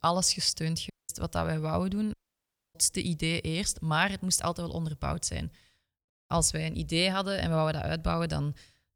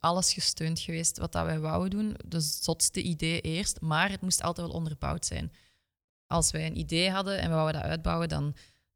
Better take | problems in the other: second | audio cutting out; at 1 s and at 2 s for 0.5 s

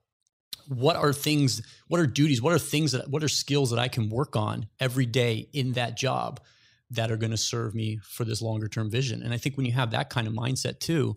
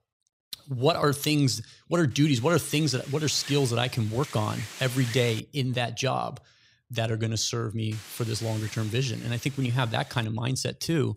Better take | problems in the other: first | wind noise on the microphone; occasional gusts; from 2 to 5.5 s and from 8 to 10 s; 10 dB below the speech

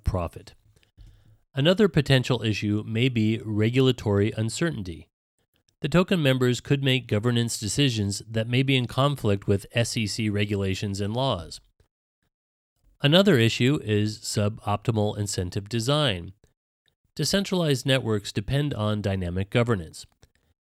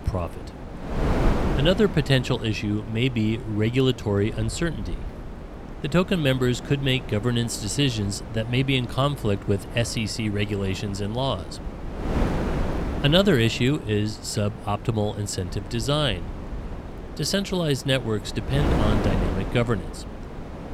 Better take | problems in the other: first | wind noise on the microphone; heavy; 9 dB below the speech

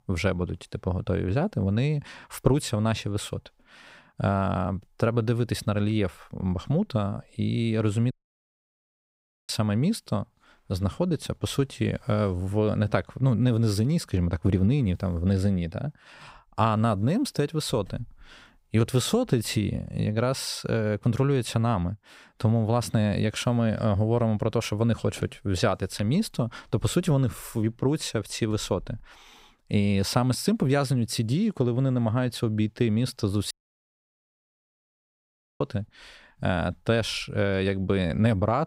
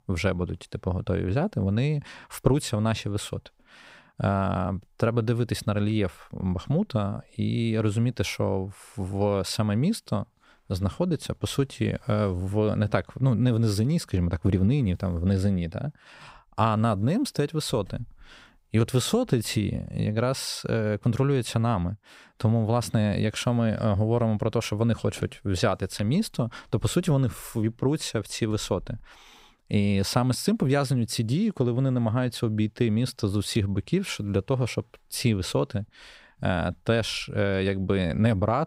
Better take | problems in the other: second | audio cutting out; at 8 s for 1.5 s and at 34 s for 2 s

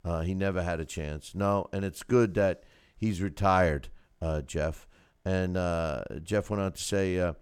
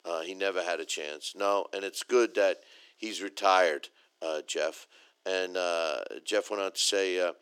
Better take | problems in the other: first | thin; very; fading below 300 Hz

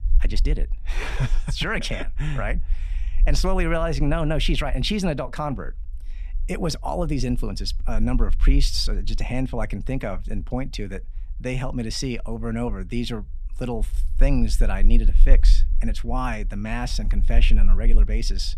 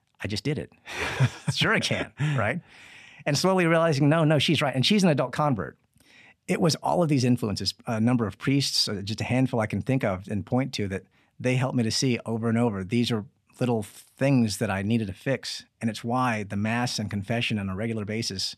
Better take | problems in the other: second | low rumble; faint; throughout; 25 dB below the speech

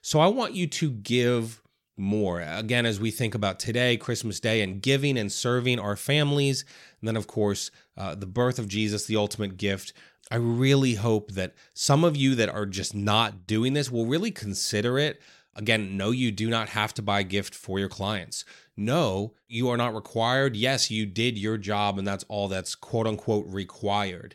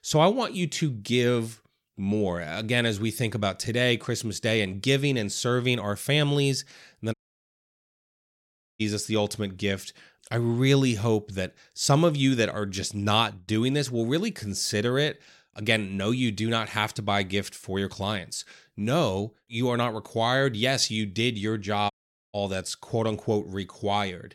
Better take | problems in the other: first | audio cutting out; at 7 s for 1.5 s and at 22 s

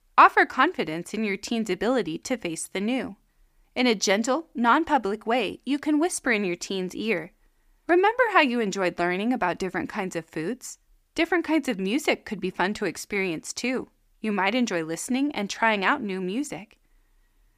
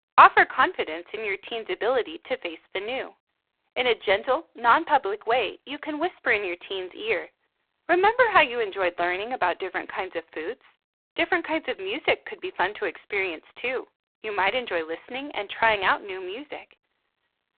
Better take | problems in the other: first | phone-call audio; poor line

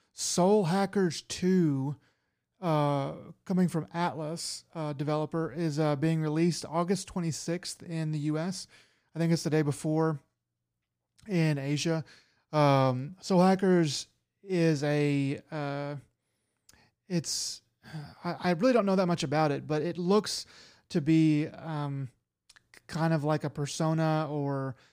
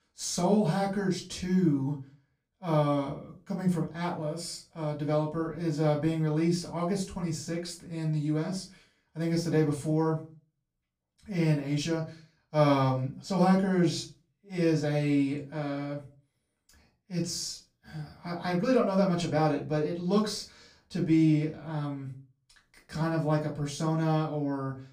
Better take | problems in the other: first | off-mic speech; far // room echo; very slight; dies away in 0.3 s

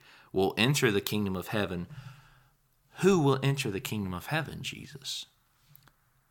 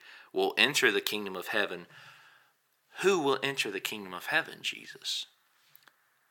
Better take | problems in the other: first | thin; somewhat; fading below 400 Hz

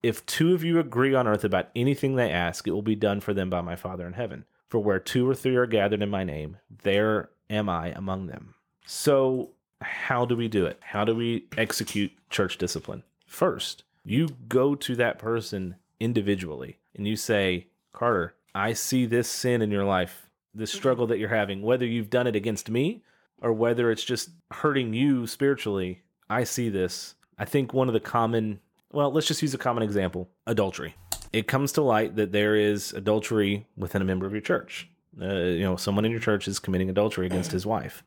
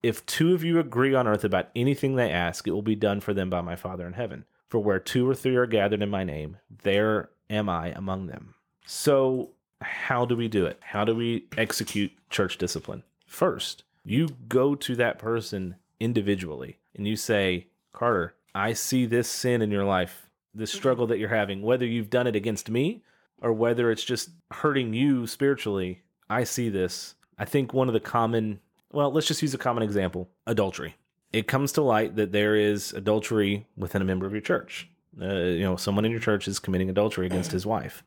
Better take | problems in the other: second | keyboard typing; noticeable; at 31 s; peak 8 dB below the speech

